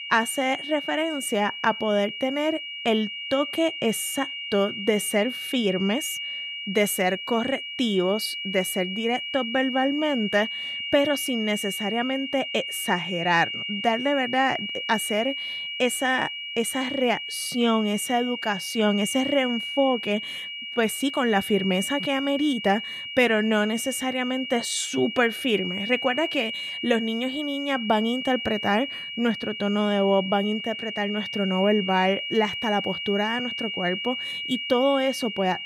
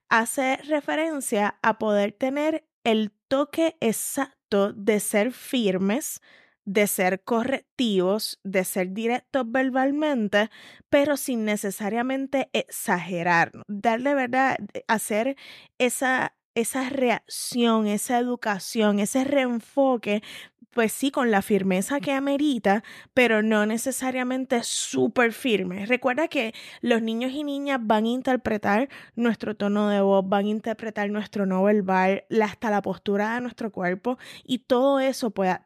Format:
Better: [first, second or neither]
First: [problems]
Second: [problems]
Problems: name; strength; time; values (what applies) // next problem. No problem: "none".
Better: second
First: high-pitched whine; loud; throughout; 3 kHz, 5 dB below the speech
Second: none